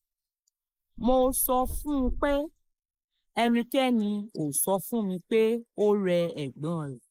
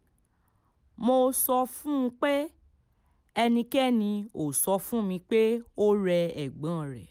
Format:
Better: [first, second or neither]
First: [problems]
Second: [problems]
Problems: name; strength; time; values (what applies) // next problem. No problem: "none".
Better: second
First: noise reduction (neural mask model Resemble Enhance denoiser)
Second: none